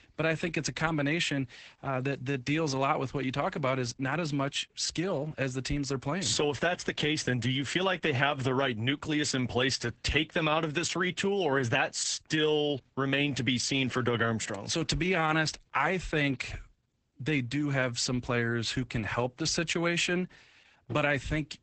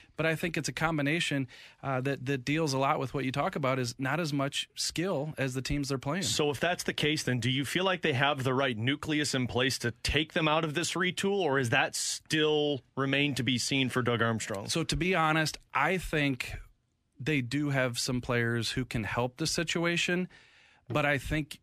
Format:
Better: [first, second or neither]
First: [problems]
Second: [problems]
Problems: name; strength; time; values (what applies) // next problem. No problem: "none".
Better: second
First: garbled, watery; badly; nothing above 8 kHz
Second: none